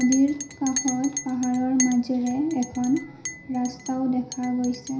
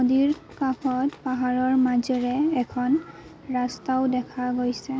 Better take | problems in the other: second | background sound (Chink, clink); 10 dB below the speech // room echo; dies away in 0.5 s

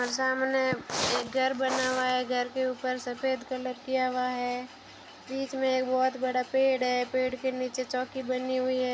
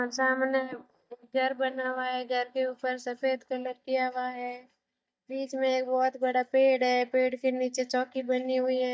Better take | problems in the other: first | noise reduction (neural mask model DeepFilterNet 3)

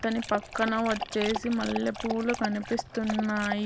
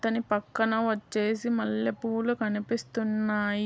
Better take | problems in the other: second | background sound (Dog); 8 dB below the speech

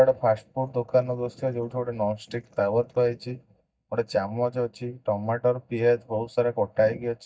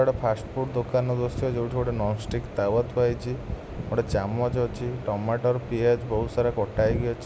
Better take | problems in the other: second | noise reduction (neural mask model DeepFilterNet 3)

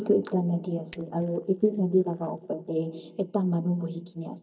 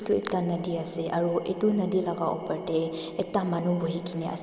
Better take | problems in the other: second | noise reduction (neural mask model DeepFilterNet 3)

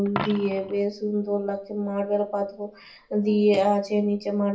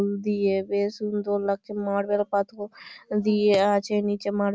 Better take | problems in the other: second | background sound (Coin (dropping)); 16 dB below the speech // room echo; dies away in 0.3 s

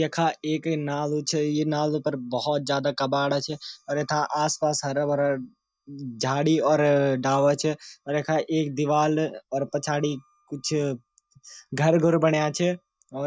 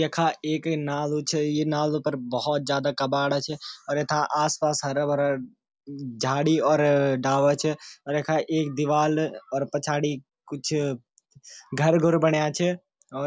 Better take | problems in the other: second | noise reduction (neural mask model DeepFilterNet 3)

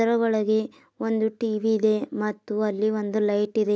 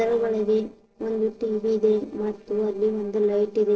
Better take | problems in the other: first | noise reduction (neural separator model SepFormer DNS4)

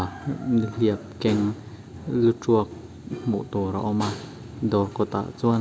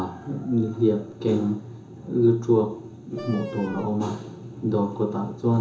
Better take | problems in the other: first | background sound (Wind instrument, woodwind instrument); 16 dB below the speech // room echo; dies away in 0.7 s

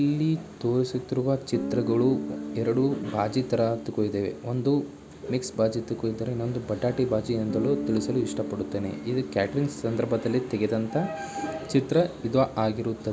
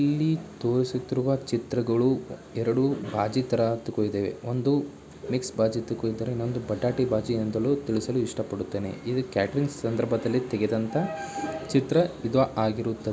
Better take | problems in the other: second | background sound (Guitar); 12 dB below the speech

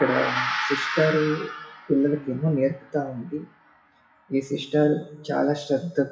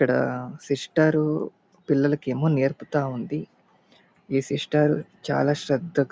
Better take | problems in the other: second | noise reduction (classical method WPE with log-MMSE)

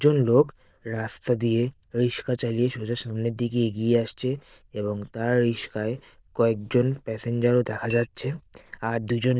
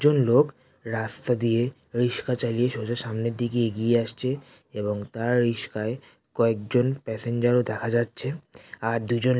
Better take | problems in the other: second | noise reduction (neural diffusion model UNIVERSE++)

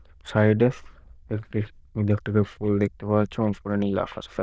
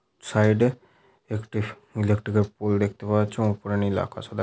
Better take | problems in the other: second | noise reduction (neural diffusion model UNIVERSE++)

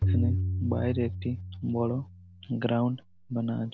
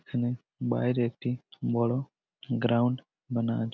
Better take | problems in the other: second | background sound (Tabla); 1 dB below the speech

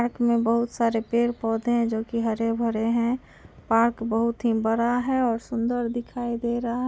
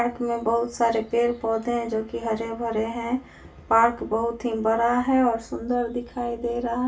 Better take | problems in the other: first | room echo; dies away in 0.2 s

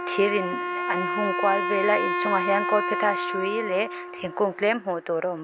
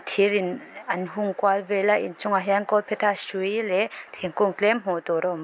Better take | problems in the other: second | background sound (Wind instrument, woodwind instrument); 3 dB below the speech

